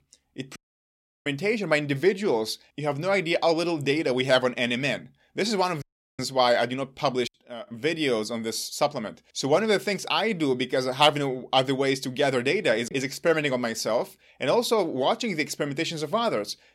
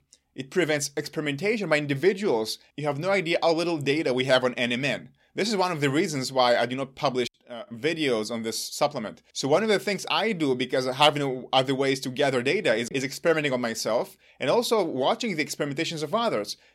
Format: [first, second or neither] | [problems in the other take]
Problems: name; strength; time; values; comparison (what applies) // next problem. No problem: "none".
second | audio cutting out; at 0.5 s for 0.5 s and at 6 s